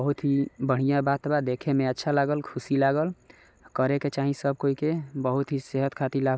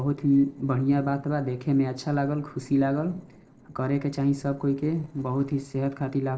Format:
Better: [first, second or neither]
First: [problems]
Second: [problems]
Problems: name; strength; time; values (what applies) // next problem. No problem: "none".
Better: first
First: none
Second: noise reduction (neural separator model SepFormer DNS4)